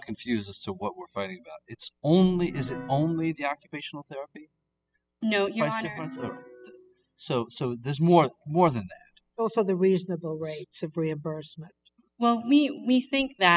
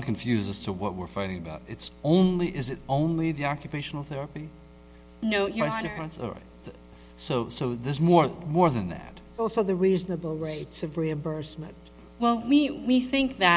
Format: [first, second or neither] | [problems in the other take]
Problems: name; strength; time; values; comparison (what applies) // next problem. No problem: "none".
second | noise reduction (classical method spectral subtraction)